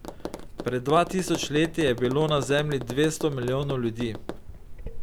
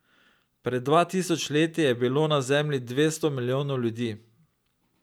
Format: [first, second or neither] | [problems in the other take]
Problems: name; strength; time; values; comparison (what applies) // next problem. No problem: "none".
second | background sound (Tap); 10 dB below the speech